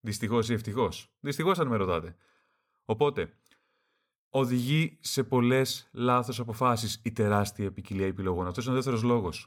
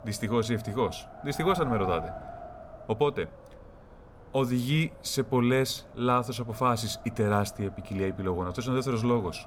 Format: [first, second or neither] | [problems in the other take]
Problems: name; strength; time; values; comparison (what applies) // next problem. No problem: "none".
first | wind noise on the microphone; occasional gusts; 15 dB below the speech